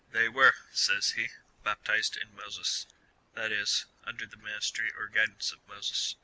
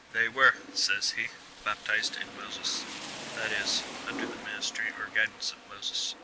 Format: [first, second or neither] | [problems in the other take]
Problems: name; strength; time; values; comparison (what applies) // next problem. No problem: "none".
first | background sound (Rain); 11 dB below the speech